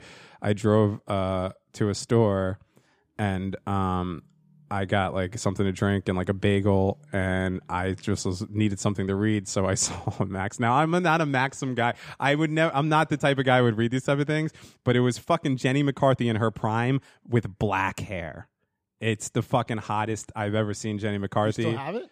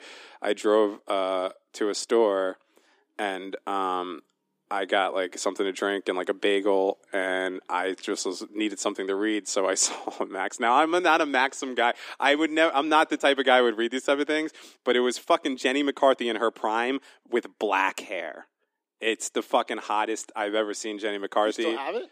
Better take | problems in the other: first | thin; somewhat; fading below 300 Hz

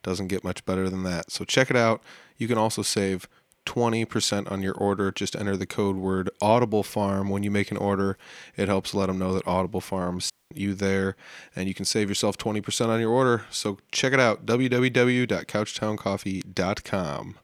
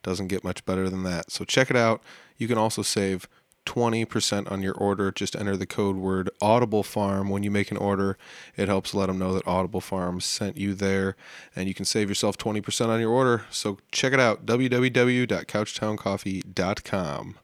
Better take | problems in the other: second | audio cutting out; at 10 s

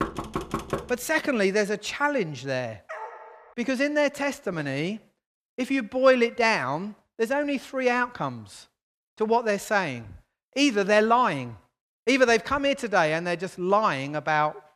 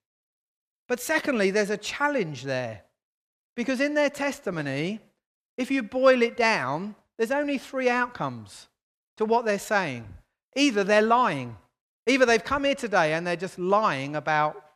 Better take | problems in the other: second | door banging; noticeable; at the start; peak 6 dB below the speech // dog barking; faint; at 3 s; peak 15 dB below the speech

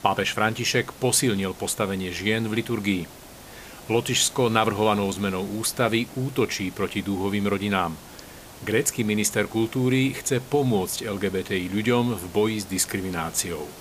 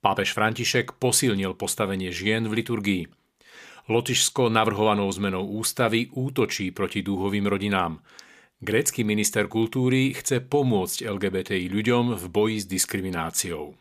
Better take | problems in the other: second | hiss; noticeable; throughout; 20 dB below the speech

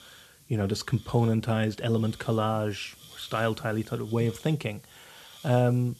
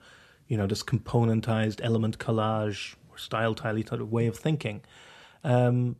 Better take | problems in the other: second | hiss; faint; throughout; 20 dB below the speech

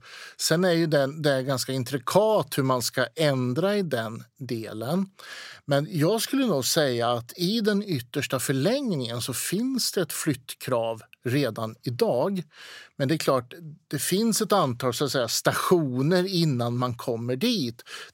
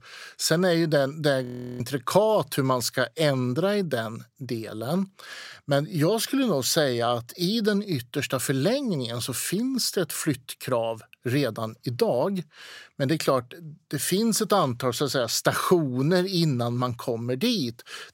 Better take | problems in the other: first | audio freezing; at 1.5 s

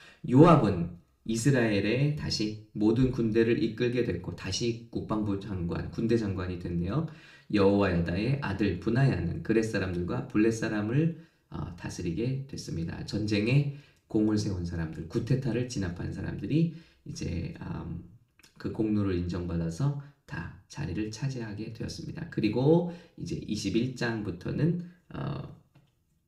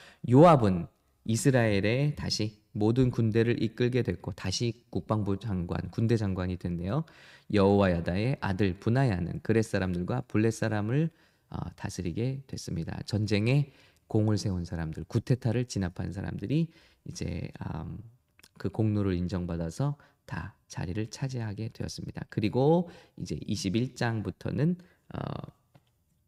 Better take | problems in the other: second | room echo; very slight; dies away in 0.4 s // off-mic speech; somewhat distant

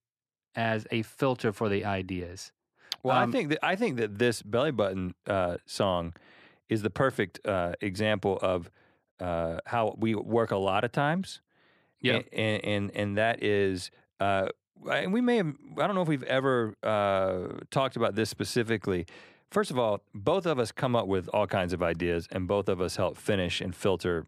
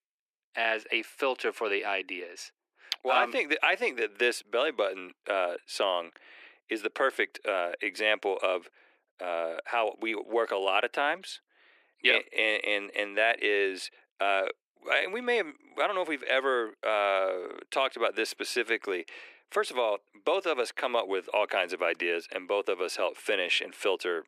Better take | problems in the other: first | thin; very; fading below 350 Hz

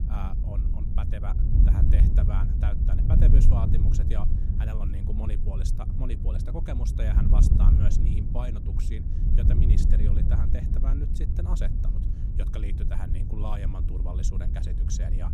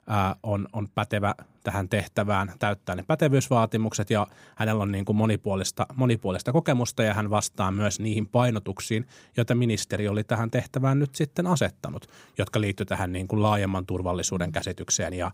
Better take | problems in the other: second | wind noise on the microphone; heavy; 1 dB above the speech

